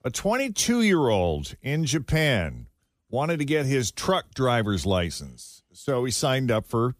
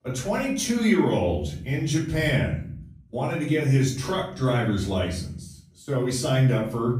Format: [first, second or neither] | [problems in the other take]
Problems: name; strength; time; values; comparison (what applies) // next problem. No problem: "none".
first | off-mic speech; far // room echo; noticeable; dies away in 0.6 s